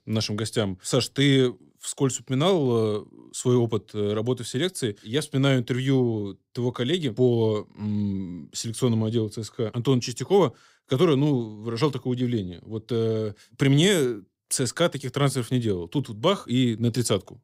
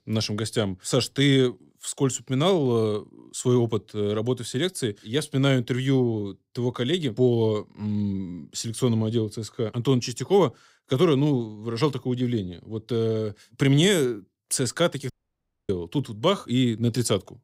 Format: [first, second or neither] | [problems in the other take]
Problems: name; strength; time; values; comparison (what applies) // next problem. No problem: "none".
first | audio cutting out; at 15 s for 0.5 s